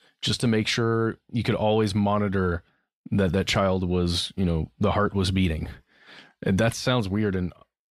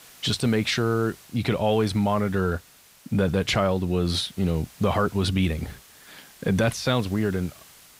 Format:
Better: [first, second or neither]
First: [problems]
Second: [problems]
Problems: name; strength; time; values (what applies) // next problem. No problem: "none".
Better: first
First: none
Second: hiss; faint; throughout; 25 dB below the speech